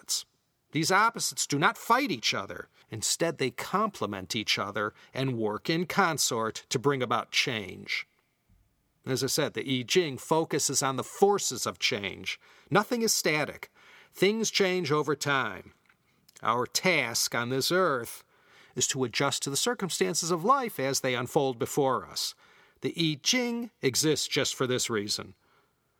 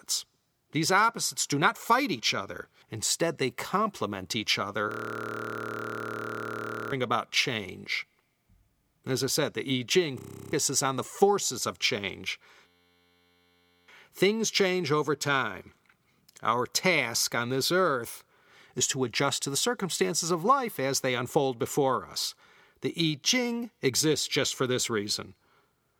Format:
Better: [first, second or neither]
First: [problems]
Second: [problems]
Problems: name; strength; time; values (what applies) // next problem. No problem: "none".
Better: first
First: none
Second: audio freezing; at 5 s for 2 s, at 10 s and at 13 s for 1 s